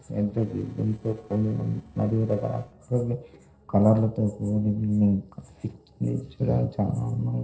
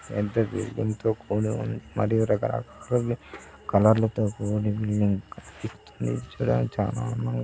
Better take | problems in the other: second | noise reduction (neural separator model SepFormer DNS4)

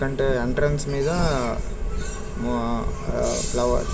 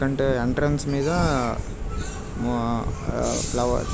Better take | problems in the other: second | room echo; dies away in 1.9 s

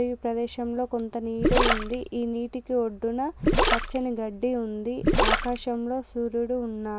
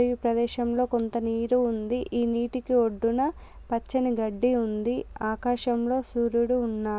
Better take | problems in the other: second | background sound (Gurgling); 3 dB above the speech

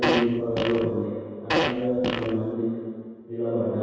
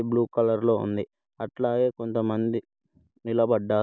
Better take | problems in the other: second | background sound (Fart); 1 dB below the speech // room echo; dies away in 2 s

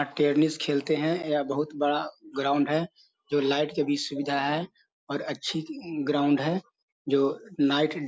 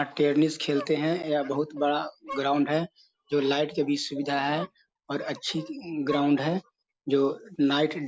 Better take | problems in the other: first | background sound (Dog); 19 dB below the speech

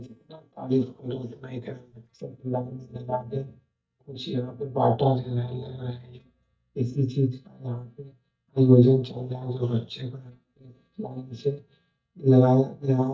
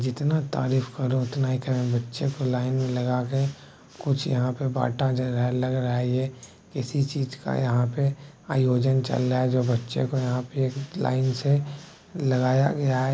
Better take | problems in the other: second | noise reduction (neural mask model DeepFilterNet 3)

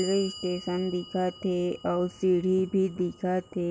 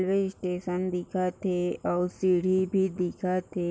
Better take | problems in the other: second | background sound (Clock); 18 dB below the speech

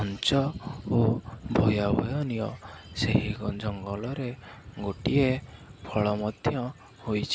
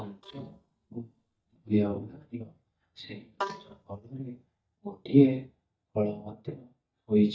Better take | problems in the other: first | noise reduction (neural mask model DeepFilterNet 3)

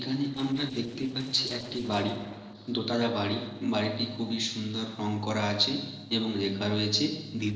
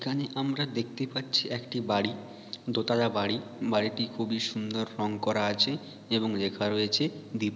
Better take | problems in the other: second | noise reduction (neural separator model SepFormer DNS4)

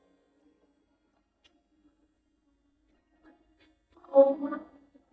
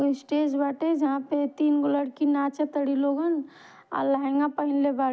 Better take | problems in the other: second | noise reduction (neural mask model DeepFilterNet 3)

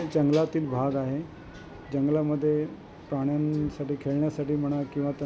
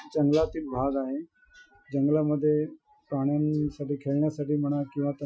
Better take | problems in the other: first | noise reduction (classical method Wiener filter)

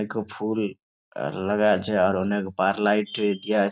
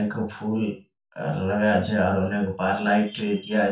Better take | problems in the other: first | room echo; dies away in 0.3 s

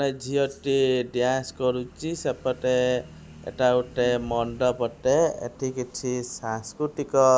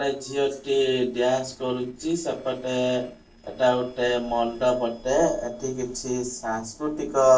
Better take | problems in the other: first | noise reduction (neural separator model SepFormer DNS4)

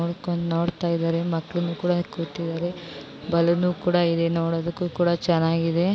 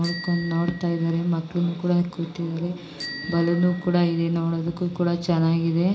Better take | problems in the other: first | background sound (Bicycle bell); 18 dB below the speech // room echo; dies away in 0.4 s

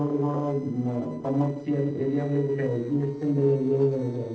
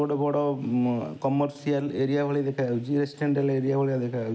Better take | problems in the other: second | noise reduction (neural separator model SepFormer DNS4)

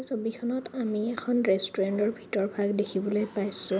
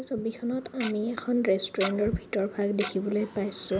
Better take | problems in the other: first | background sound (Tick-tock); 12 dB below the speech

